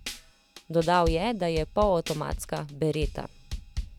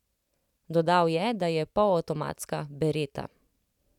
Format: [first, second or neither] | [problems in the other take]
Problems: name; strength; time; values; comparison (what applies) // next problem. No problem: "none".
second | background sound (Drum / Drum kit); 8 dB below the speech